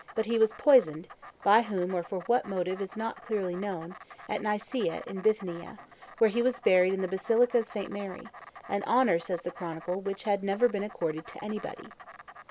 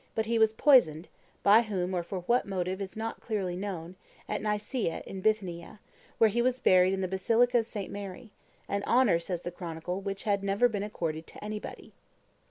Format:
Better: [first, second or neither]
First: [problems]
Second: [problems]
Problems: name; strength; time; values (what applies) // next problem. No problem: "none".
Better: second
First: background sound (Insect); 19 dB below the speech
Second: none